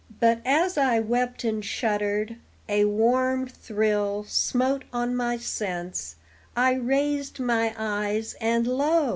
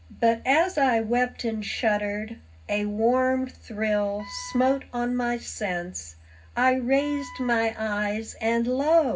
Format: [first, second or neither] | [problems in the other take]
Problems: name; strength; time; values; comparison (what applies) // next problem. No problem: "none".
first | background sound (Wind instrument, woodwind instrument); 19 dB below the speech // room echo; dies away in 0.4 s